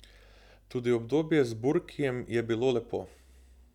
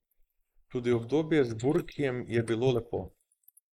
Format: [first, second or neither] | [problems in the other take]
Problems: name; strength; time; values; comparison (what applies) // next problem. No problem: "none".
first | noise reduction (neural mask model Resemble Enhance denoiser)